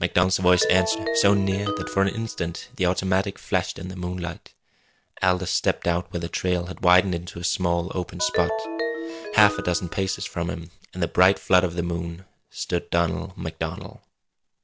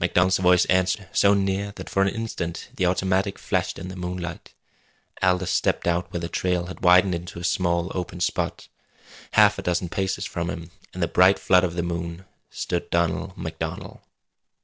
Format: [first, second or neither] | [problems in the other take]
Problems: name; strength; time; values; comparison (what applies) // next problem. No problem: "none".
second | background sound (Ringtone); 6 dB below the speech